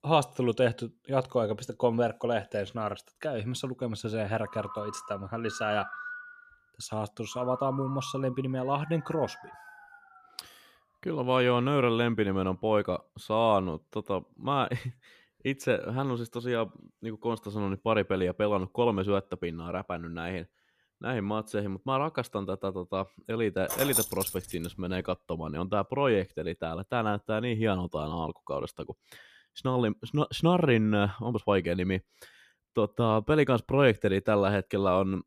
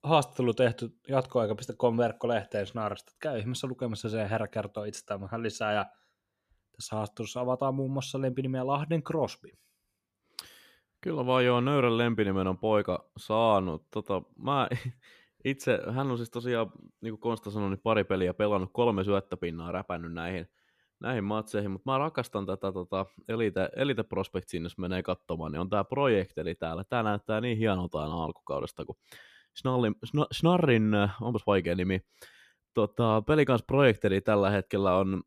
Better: second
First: phone ringing; noticeable; from 4.5 to 10 s; peak 9 dB below the speech // jangling keys; loud; at 24 s; peak 2 dB above the speech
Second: none

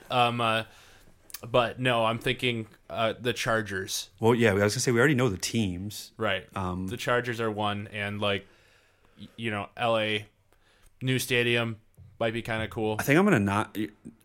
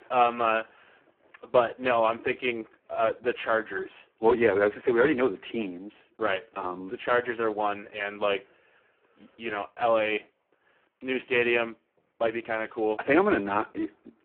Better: first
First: none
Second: phone-call audio; poor line

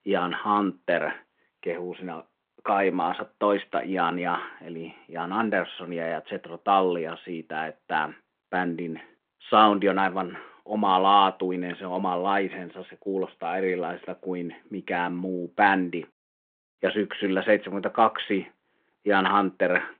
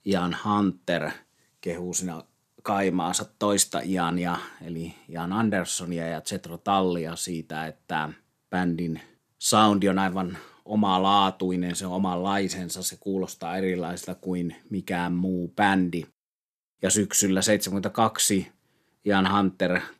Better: second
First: phone-call audio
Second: none

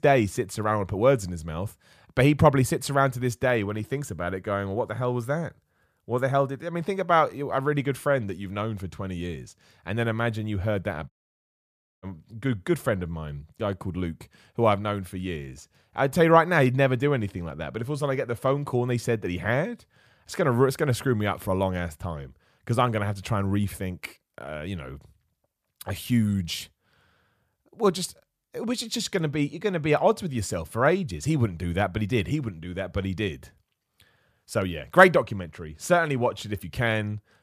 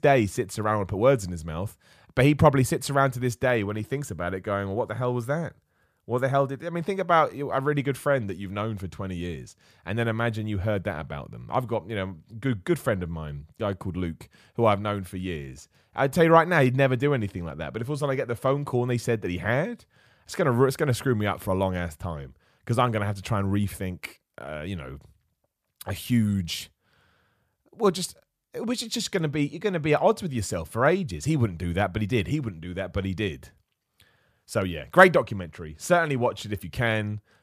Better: second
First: audio cutting out; at 11 s for 1 s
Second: none

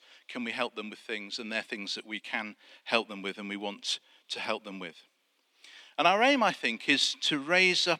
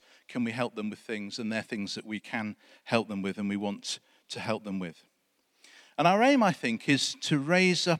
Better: second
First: thin; very slightly; fading below 300 Hz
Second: none

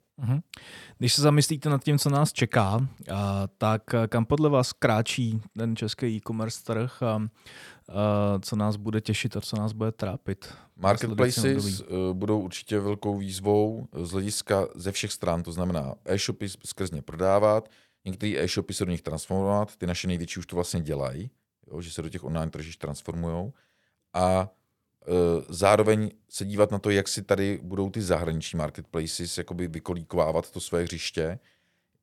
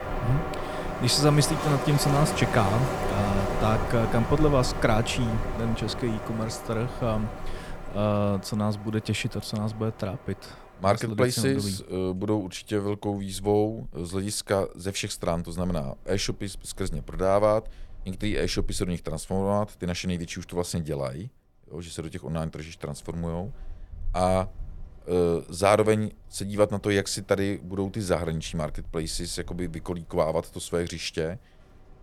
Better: first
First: none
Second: wind in the background; loud; throughout; 6 dB below the speech

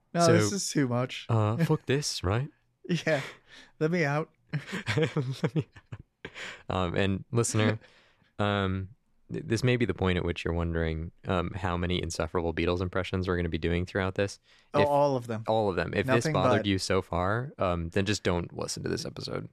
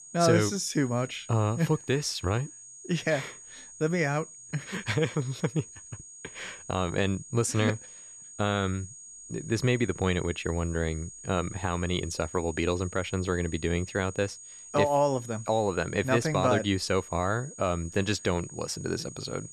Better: first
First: none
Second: high-pitched whine; noticeable; throughout; 6.5 kHz, 15 dB below the speech

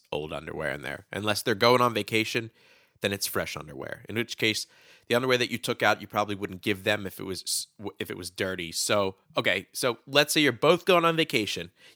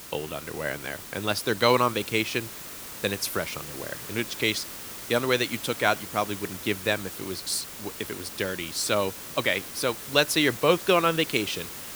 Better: first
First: none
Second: hiss; noticeable; throughout; 10 dB below the speech

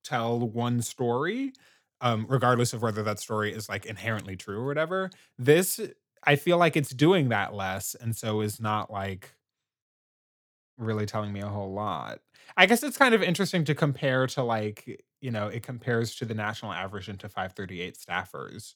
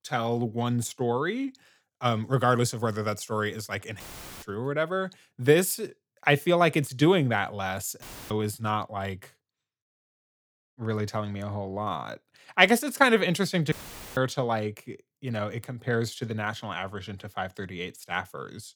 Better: first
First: none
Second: audio cutting out; filled with static; at 4 s, at 8 s and at 14 s

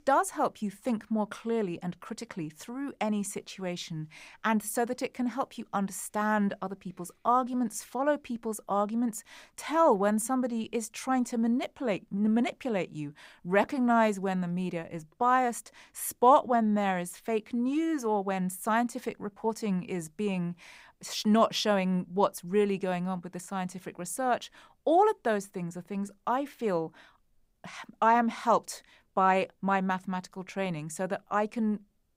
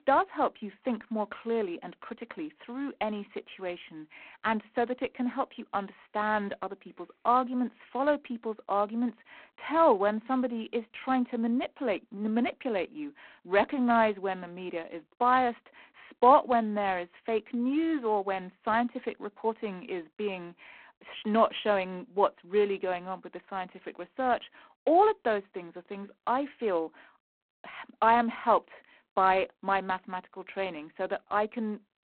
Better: first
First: none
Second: phone-call audio; poor line; nothing above 4 kHz

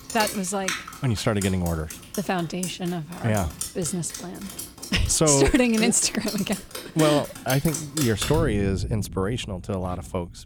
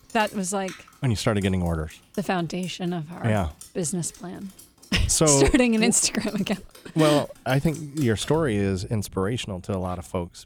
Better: second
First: rain or running water; loud; throughout; 9 dB below the speech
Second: rain or running water; faint; throughout; 25 dB below the speech

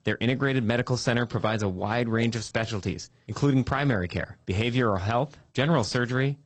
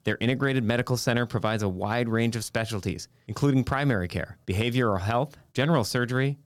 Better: second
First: garbled, watery; slightly; nothing above 8.5 kHz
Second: none

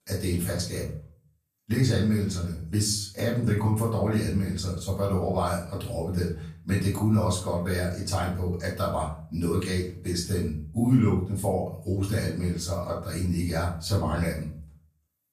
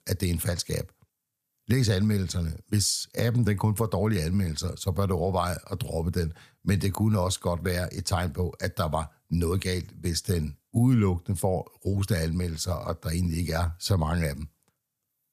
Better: second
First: off-mic speech; far // room echo; noticeable; dies away in 0.4 s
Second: none

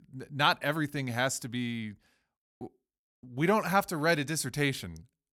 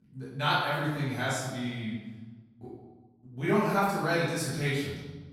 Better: first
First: none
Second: off-mic speech; far // room echo; strong; dies away in 1.1 s

